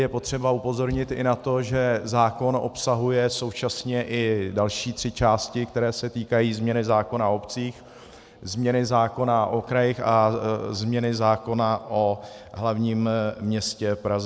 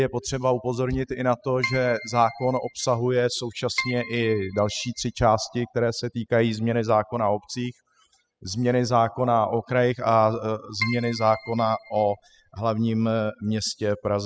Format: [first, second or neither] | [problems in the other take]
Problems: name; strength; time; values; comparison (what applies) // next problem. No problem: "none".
first | noise reduction (classical method spectral subtraction)